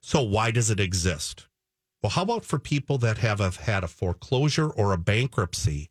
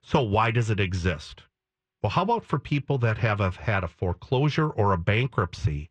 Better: first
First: none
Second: muffled; very; fading above 2.5 kHz

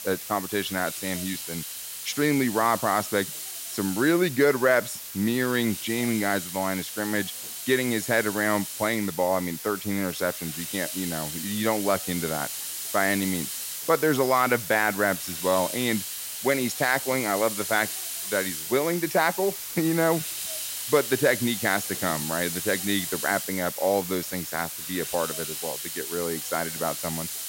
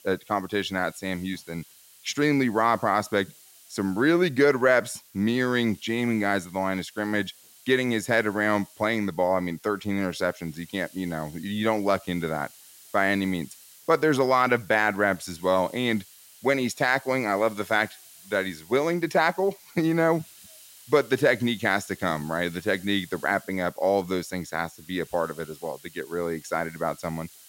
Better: second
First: hiss; loud; throughout; 5 dB below the speech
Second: hiss; faint; throughout; 25 dB below the speech

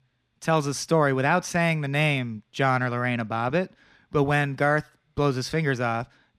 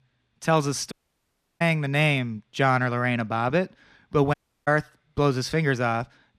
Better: first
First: none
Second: audio cutting out; at 1 s for 0.5 s and at 4.5 s

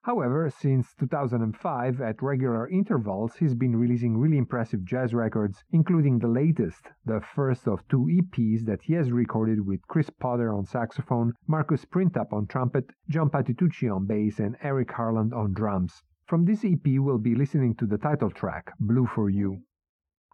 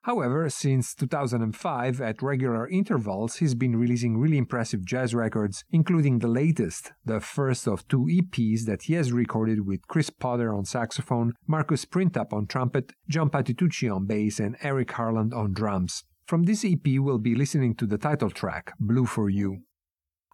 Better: second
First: muffled; very; fading above 3 kHz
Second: none

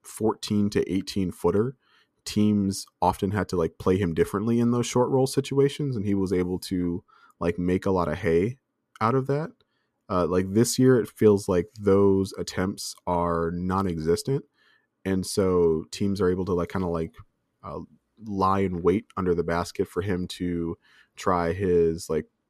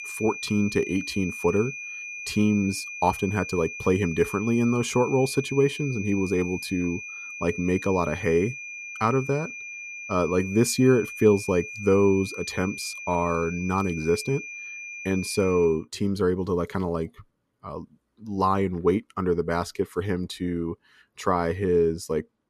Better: first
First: none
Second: high-pitched whine; loud; until 16 s; 2.5 kHz, 10 dB below the speech

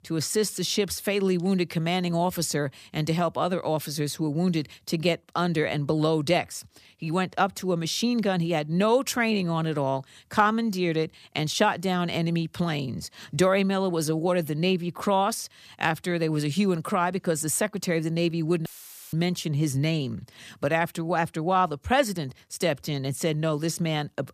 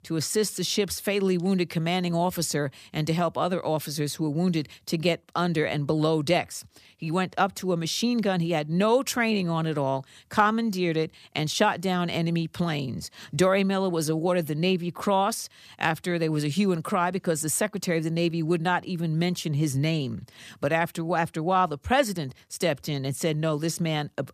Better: second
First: audio cutting out; filled with static; at 19 s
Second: none

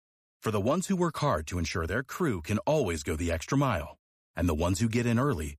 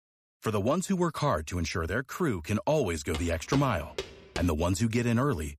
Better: first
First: none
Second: footsteps; noticeable; from 3 to 4.5 s; peak 9 dB below the speech

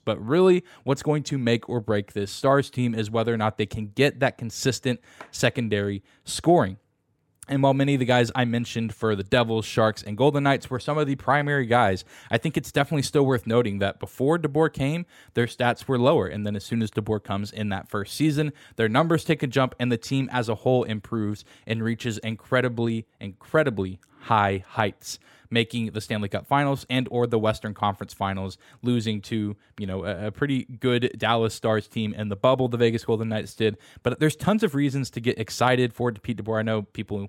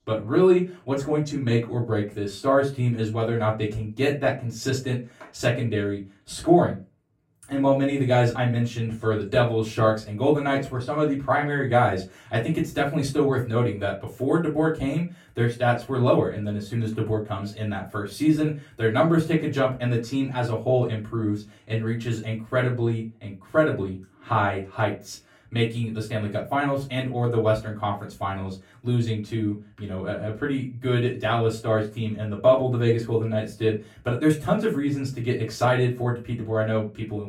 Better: first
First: none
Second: off-mic speech; far // room echo; very slight; dies away in 0.2 s

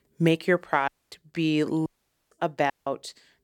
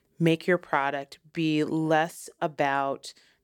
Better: second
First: audio cutting out; at 1 s, at 2 s and at 2.5 s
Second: none

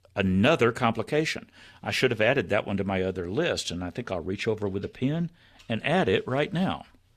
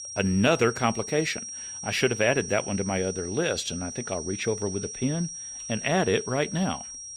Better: first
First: none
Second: high-pitched whine; loud; throughout; 5.5 kHz, 8 dB below the speech

